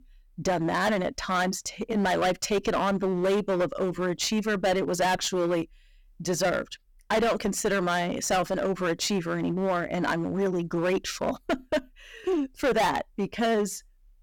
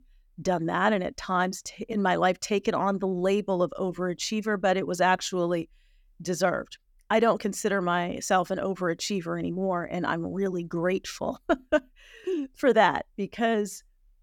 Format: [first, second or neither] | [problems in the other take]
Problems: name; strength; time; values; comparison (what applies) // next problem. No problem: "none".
second | distortion; heavy; 14% of the sound clipped